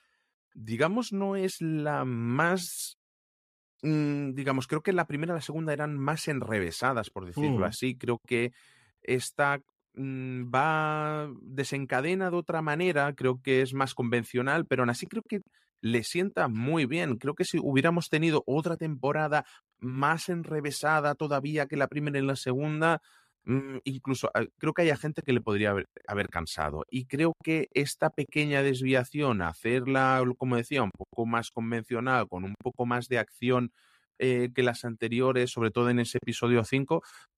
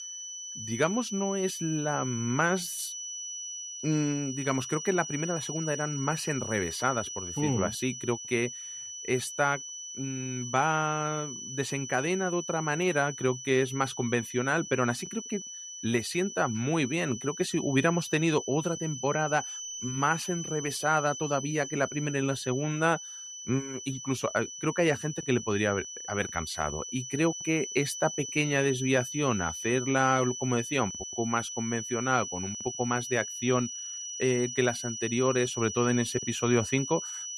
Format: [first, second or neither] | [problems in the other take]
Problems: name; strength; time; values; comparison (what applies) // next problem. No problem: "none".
first | high-pitched whine; loud; throughout; 6 kHz, 7 dB below the speech